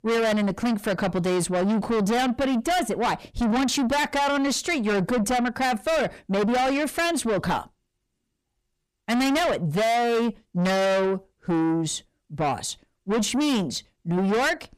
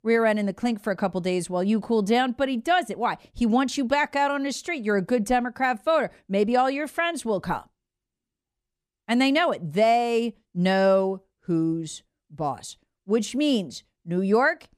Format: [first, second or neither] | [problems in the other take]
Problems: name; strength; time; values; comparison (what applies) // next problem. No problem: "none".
second | distortion; heavy; 6 dB below the speech